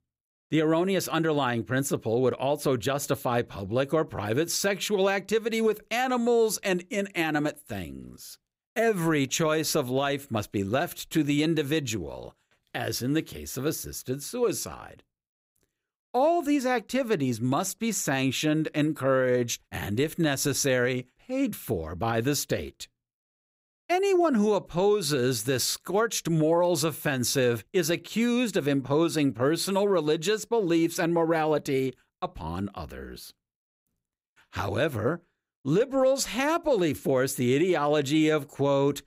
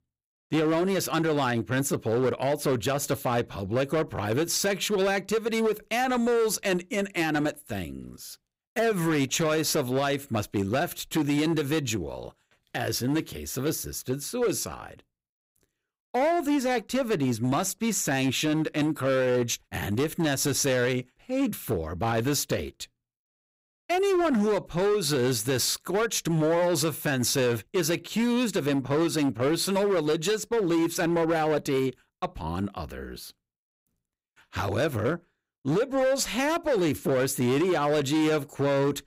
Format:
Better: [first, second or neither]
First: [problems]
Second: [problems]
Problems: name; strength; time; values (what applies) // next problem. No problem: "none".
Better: first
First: none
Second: distortion; slight; 13% of the sound clipped